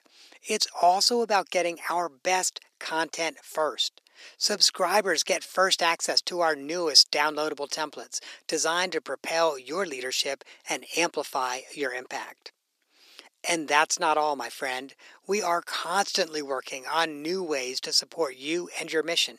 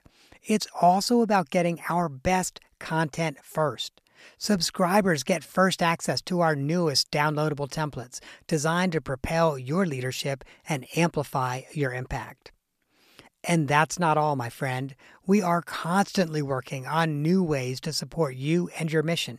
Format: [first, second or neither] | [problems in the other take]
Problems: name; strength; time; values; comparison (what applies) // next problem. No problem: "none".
second | thin; very; fading below 300 Hz